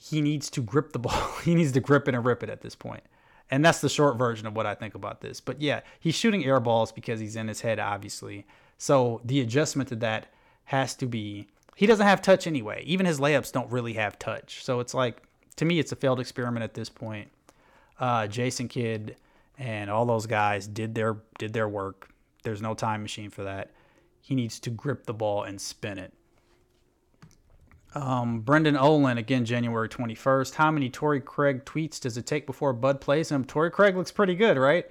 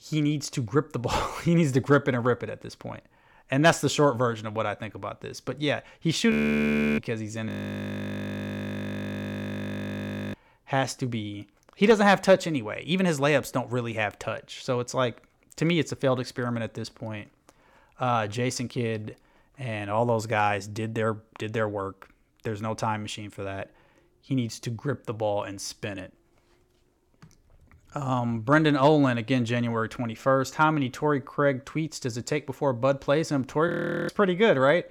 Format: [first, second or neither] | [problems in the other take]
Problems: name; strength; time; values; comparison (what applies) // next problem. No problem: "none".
first | audio freezing; at 6.5 s for 0.5 s, at 7.5 s for 3 s and at 34 s